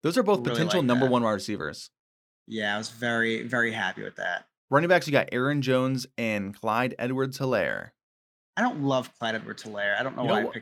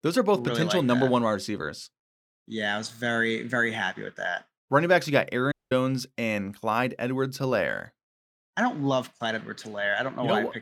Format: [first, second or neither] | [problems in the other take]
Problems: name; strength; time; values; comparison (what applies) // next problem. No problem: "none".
first | audio cutting out; at 5.5 s